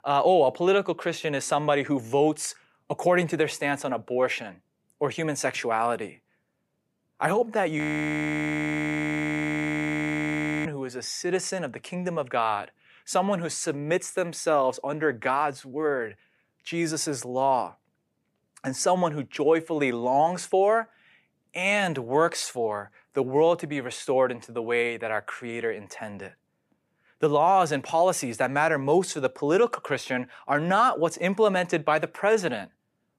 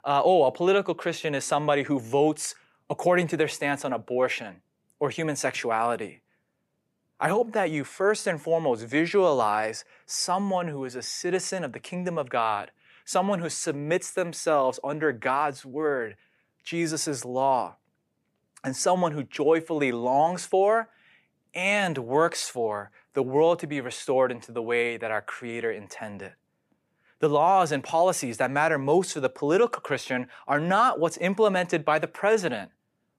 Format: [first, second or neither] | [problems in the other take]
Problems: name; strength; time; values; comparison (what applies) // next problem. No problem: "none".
second | audio freezing; at 8 s for 3 s